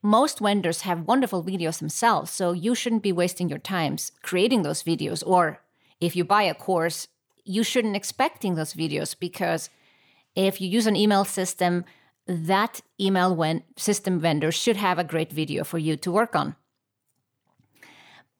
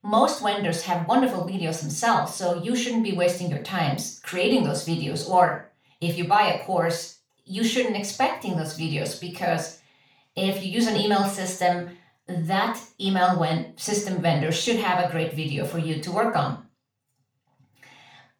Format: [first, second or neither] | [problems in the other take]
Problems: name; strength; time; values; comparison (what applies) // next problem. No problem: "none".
first | room echo; noticeable; dies away in 0.4 s // off-mic speech; far